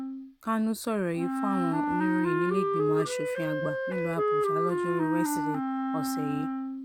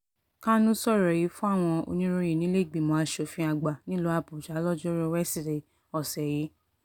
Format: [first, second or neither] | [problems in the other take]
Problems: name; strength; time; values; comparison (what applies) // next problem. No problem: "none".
second | background sound (Wind instrument, woodwind instrument); 3 dB above the speech